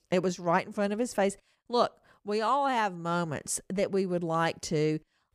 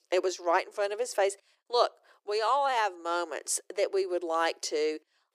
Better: first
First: none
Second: thin; very; fading below 350 Hz

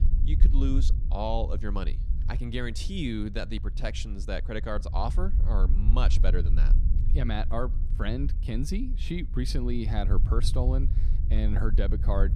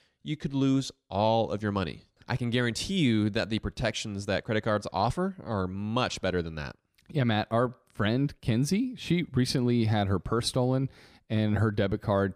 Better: second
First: low rumble; noticeable; throughout; 10 dB below the speech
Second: none

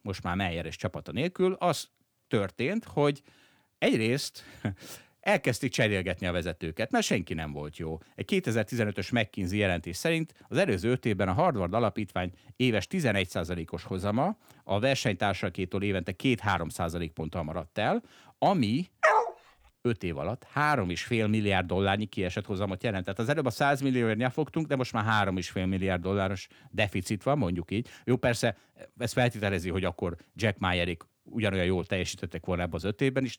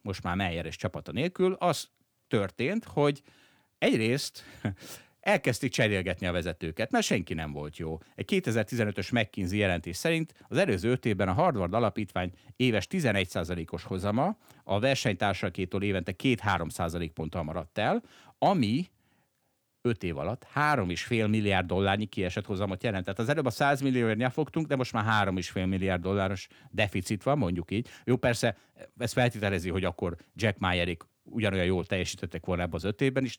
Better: second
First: dog barking; loud; at 19 s; peak 6 dB above the speech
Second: none

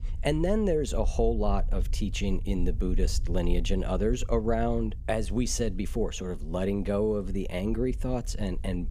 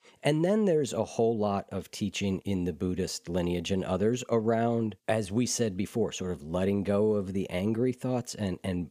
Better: second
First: low rumble; faint; throughout; 25 dB below the speech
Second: none

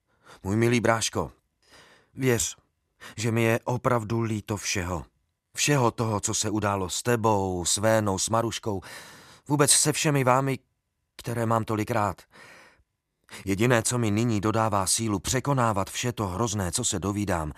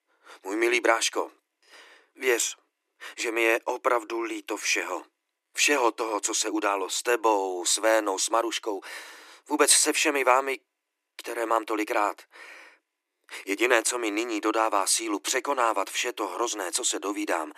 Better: first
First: none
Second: thin; very; fading below 300 Hz

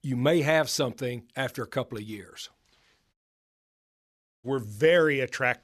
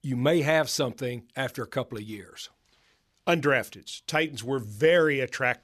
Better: second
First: audio cutting out; at 3 s for 1.5 s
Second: none

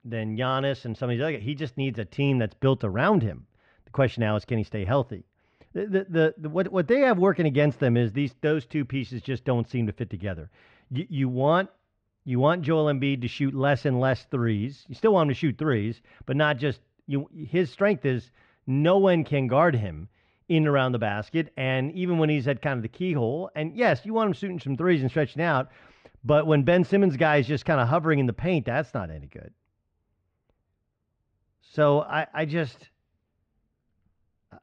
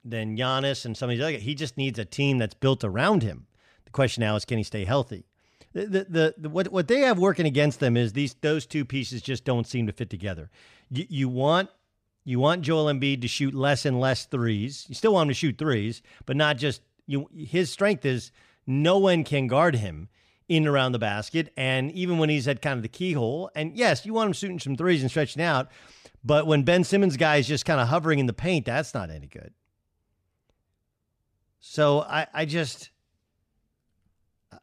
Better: second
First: muffled; slightly; fading above 2 kHz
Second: none

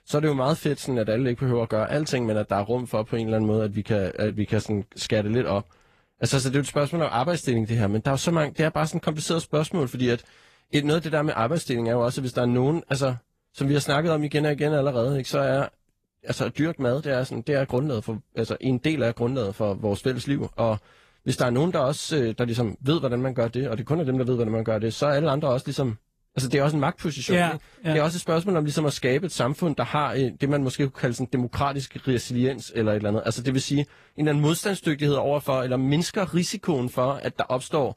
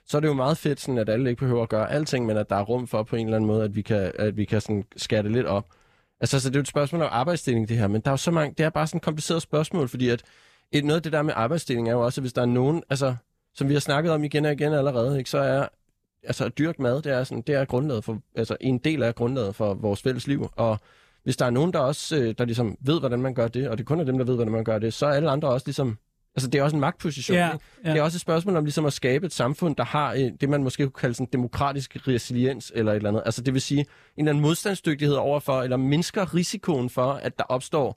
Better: second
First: garbled, watery; slightly; nothing above 14.5 kHz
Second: none

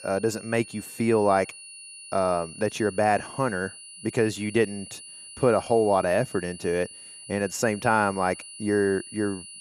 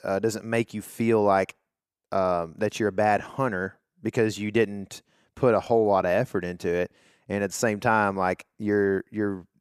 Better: second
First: high-pitched whine; noticeable; throughout; 10 kHz, 15 dB below the speech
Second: none

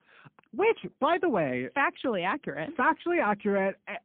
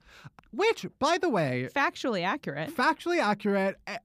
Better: second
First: phone-call audio; poor line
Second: none

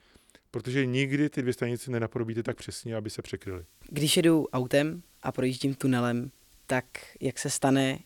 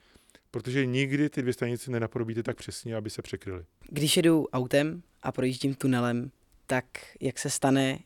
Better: second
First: hiss; faint; from 3.5 s on; 30 dB below the speech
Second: none

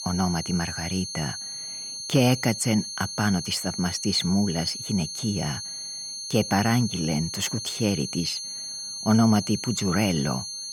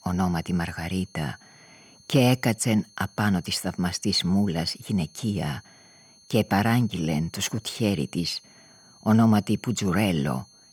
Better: second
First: high-pitched whine; loud; throughout; 4.5 kHz, 6 dB below the speech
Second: high-pitched whine; faint; throughout; 4.5 kHz, 25 dB below the speech

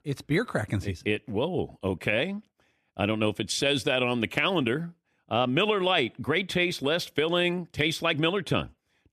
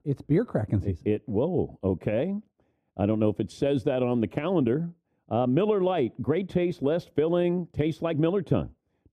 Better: first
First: none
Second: muffled; very; fading above 1 kHz

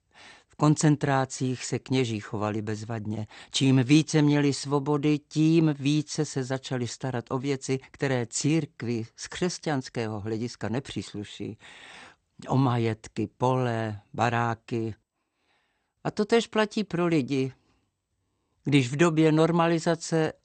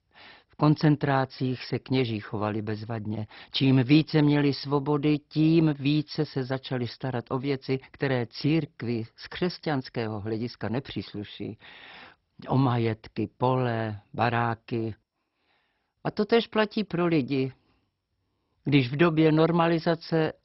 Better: first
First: garbled, watery; slightly; nothing above 8.5 kHz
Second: garbled, watery; badly; nothing above 5.5 kHz

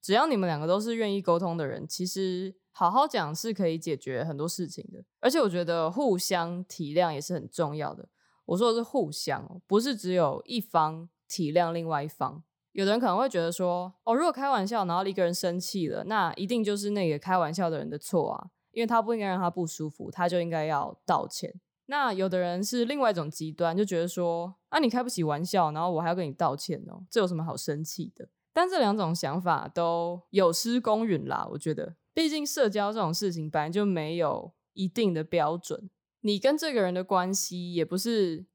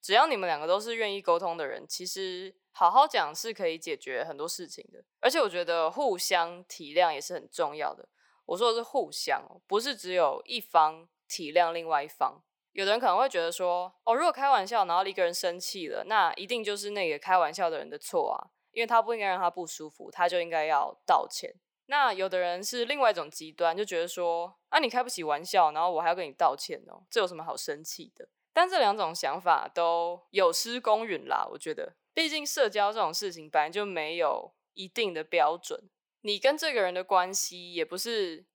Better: first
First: none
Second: thin; very; fading below 550 Hz

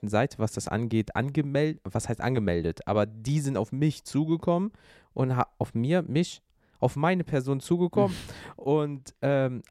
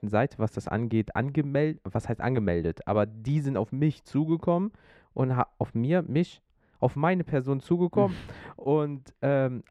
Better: first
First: none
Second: muffled; slightly; fading above 4 kHz

